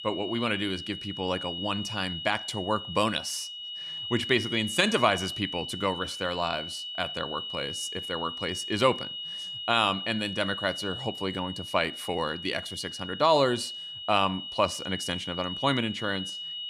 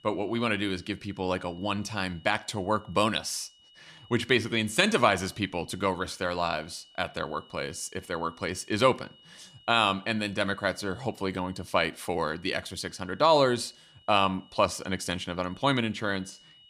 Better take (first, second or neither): second